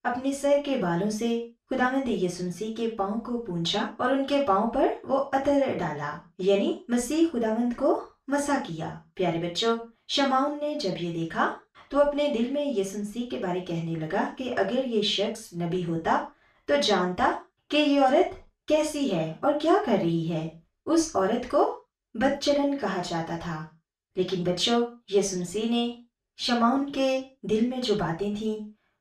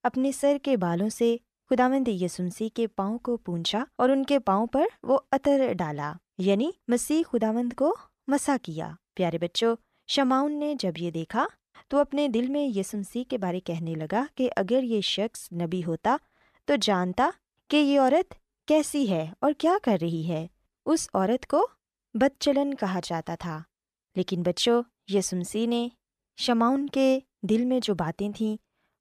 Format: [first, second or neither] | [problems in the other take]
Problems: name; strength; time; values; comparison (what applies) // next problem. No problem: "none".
second | room echo; noticeable; dies away in 0.3 s // off-mic speech; far